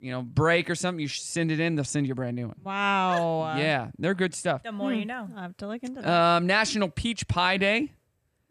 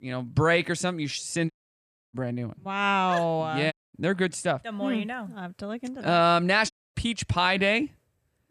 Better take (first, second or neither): first